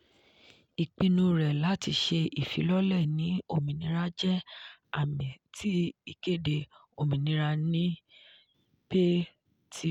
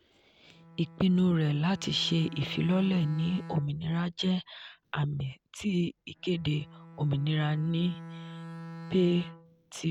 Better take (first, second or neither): first